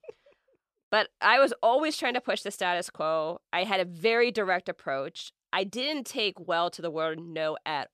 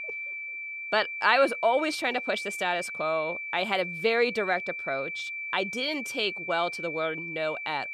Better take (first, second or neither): first